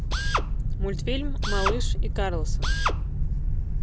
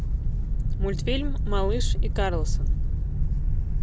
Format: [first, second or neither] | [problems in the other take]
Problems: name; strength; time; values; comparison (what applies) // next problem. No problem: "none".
second | background sound (Drill); 7 dB below the speech